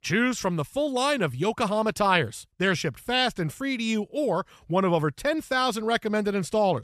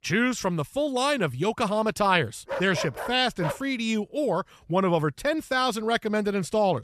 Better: first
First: none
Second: dog barking; noticeable; from 2.5 to 3.5 s; peak 7 dB below the speech

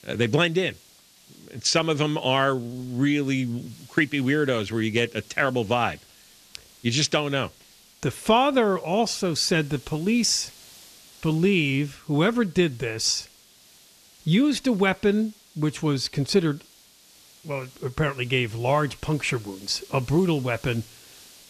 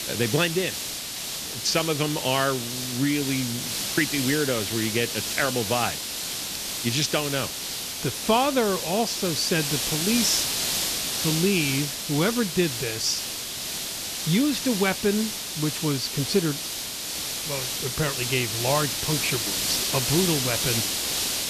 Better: first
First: hiss; faint; throughout; 25 dB below the speech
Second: hiss; loud; throughout; 1 dB below the speech

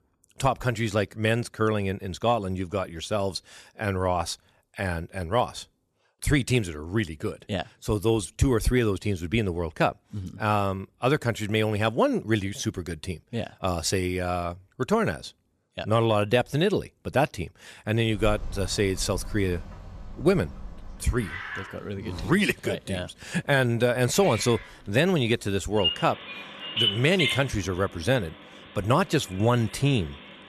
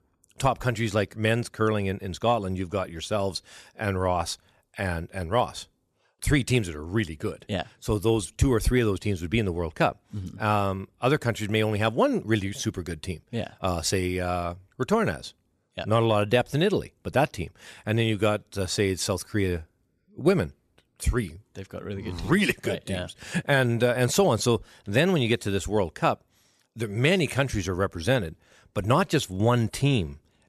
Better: second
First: animal sounds; loud; from 18 s on; 7 dB below the speech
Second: none

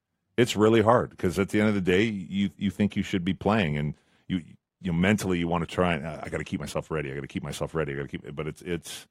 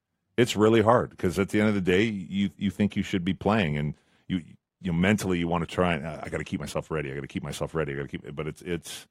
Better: neither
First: garbled, watery; slightly; nothing above 15.5 kHz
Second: garbled, watery; slightly; nothing above 15.5 kHz

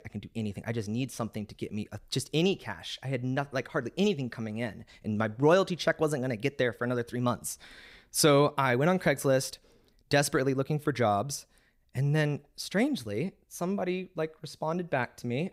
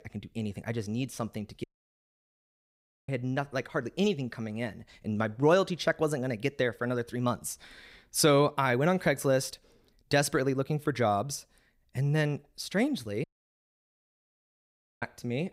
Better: first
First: none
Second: audio cutting out; at 1.5 s for 1.5 s and at 13 s for 2 s

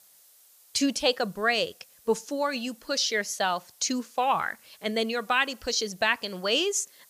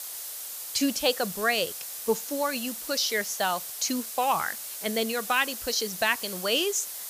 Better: first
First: hiss; faint; throughout; 25 dB below the speech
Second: hiss; loud; throughout; 7 dB below the speech

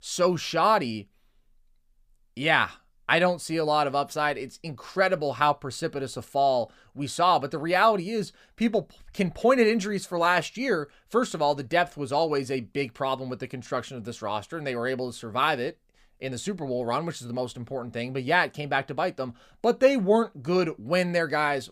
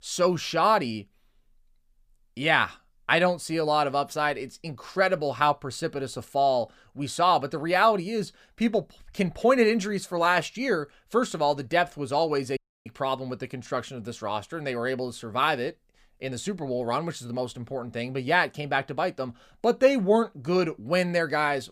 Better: first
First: none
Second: audio cutting out; at 13 s

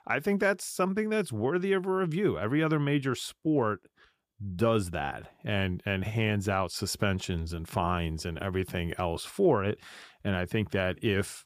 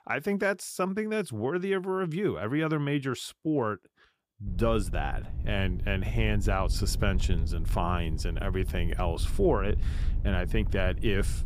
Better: first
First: none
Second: wind noise on the microphone; occasional gusts; from 4.5 s on; 20 dB below the speech

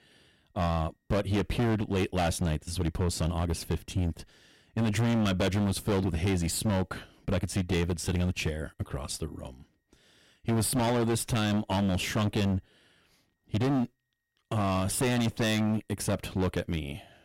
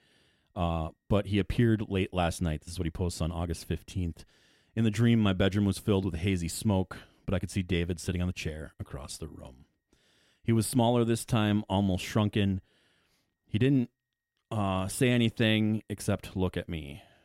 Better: second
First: distortion; heavy; 16% of the sound clipped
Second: none

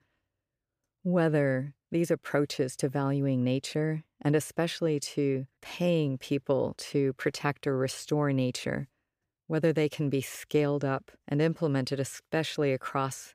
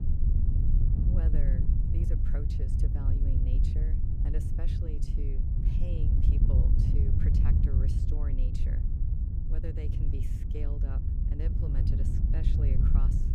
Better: first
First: none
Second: wind noise on the microphone; heavy; 4 dB above the speech

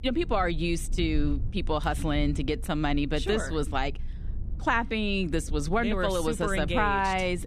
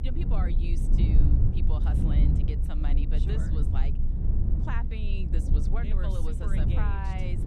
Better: first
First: low rumble; faint; throughout; 25 dB below the speech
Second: low rumble; loud; throughout; 1 dB below the speech

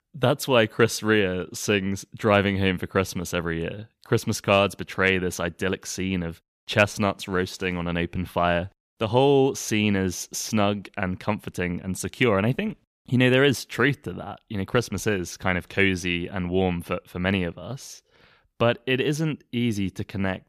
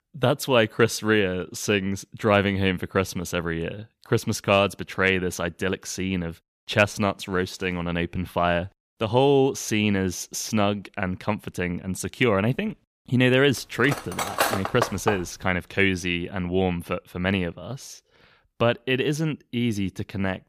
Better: first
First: none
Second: clattering dishes; loud; from 14 to 15 s; peak level with the speech

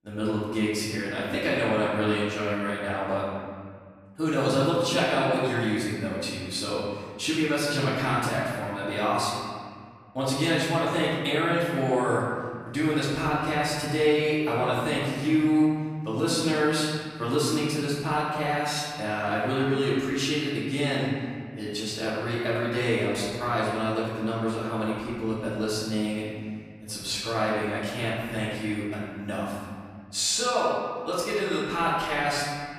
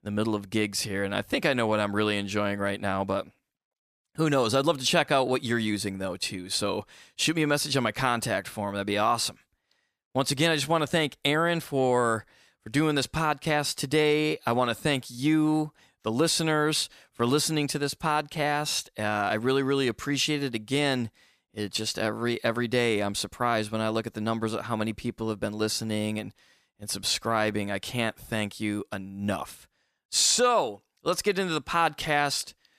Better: second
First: room echo; strong; dies away in 1.9 s // off-mic speech; far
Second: none

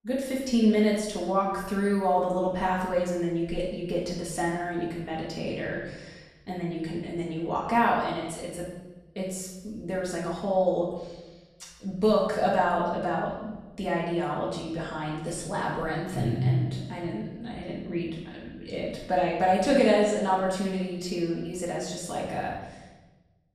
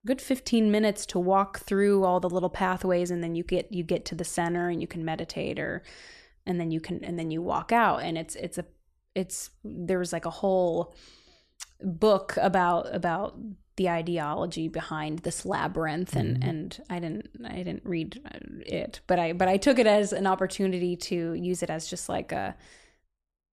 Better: second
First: room echo; noticeable; dies away in 0.9 s // off-mic speech; far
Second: none

